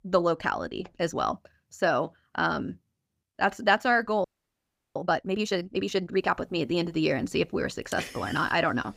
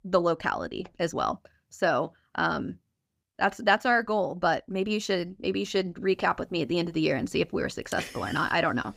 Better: second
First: audio freezing; at 4 s for 0.5 s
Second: none

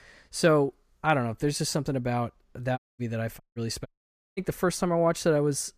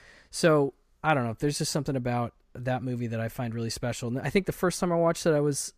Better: second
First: audio cutting out; at 3 s, at 3.5 s and at 4 s for 0.5 s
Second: none

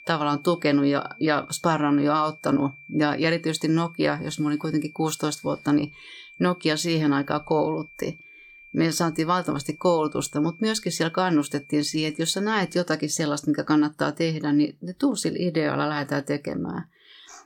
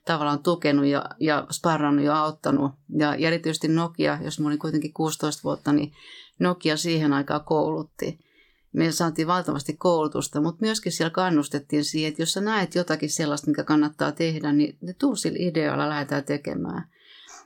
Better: second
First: high-pitched whine; faint; until 13 s; 2.5 kHz, 20 dB below the speech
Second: none

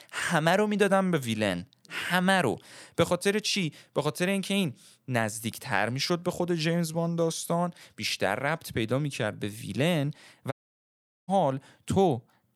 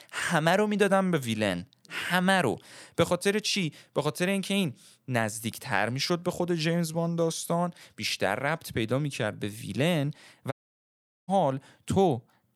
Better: neither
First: audio cutting out; at 11 s for 1 s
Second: audio cutting out; at 11 s for 1 s

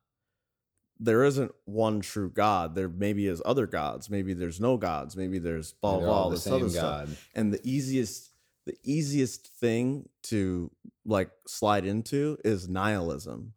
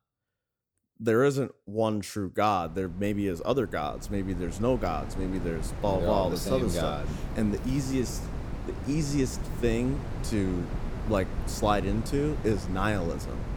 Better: first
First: none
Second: wind noise on the microphone; occasional gusts; from 2.5 s on; 10 dB below the speech

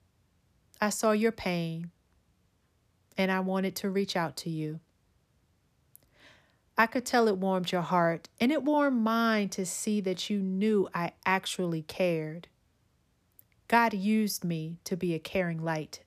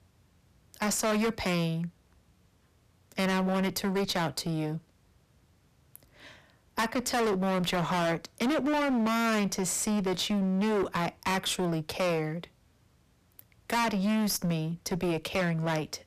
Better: first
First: none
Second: distortion; heavy; 22% of the sound clipped

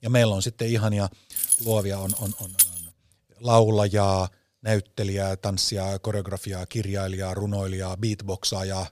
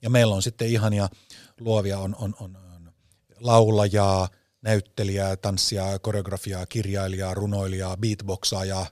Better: second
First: jangling keys; loud; from 1.5 to 3 s; peak 6 dB above the speech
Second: none

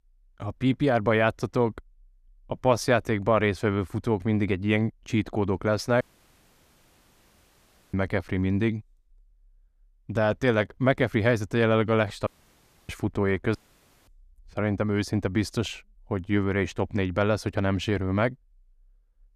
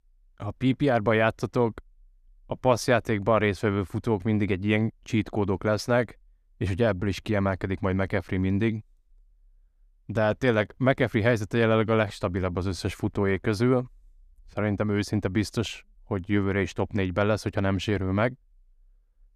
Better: second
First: audio cutting out; at 6 s for 2 s, at 12 s for 0.5 s and at 14 s for 0.5 s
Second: none

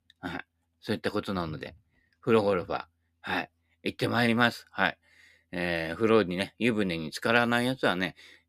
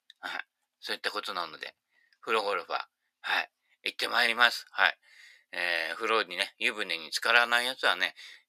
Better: first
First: none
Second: thin; very; fading below 850 Hz

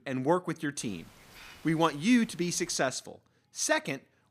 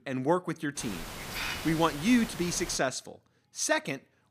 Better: first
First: hiss; faint; from 1 to 3 s; 25 dB below the speech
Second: hiss; loud; from 1 to 3 s; 9 dB below the speech

